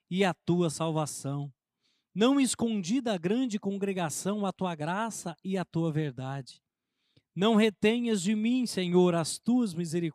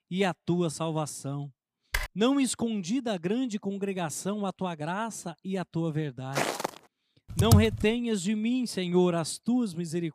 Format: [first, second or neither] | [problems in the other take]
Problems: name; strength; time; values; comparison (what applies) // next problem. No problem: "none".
first | keyboard typing; noticeable; at 2 s; peak 4 dB below the speech // footsteps; noticeable; at 6.5 s; peak 1 dB below the speech // keyboard typing; loud; at 7.5 s; peak 6 dB above the speech